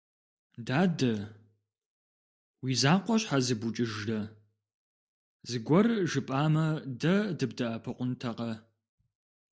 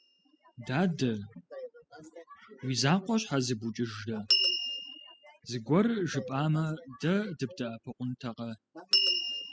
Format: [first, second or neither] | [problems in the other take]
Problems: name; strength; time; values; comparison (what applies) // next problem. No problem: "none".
first | noise reduction (classical method spectral subtraction)